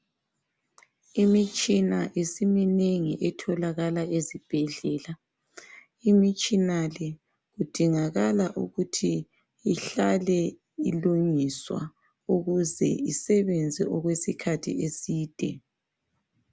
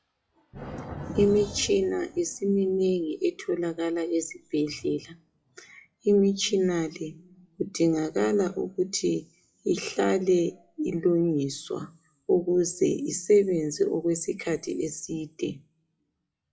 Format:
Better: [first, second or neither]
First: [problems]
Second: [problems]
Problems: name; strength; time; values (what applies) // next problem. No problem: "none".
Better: first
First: none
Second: noise reduction (classical method WPE with log-MMSE)